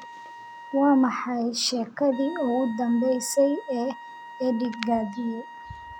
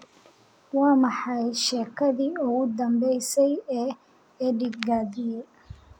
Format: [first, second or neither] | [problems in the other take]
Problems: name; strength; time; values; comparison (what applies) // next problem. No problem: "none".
second | background sound (Wind instrument, woodwind instrument); 17 dB below the speech